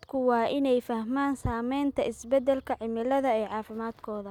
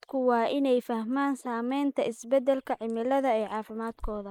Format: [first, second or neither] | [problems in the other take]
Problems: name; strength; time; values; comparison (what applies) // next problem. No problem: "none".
first | noise reduction (neural mask model Resemble Enhance denoiser)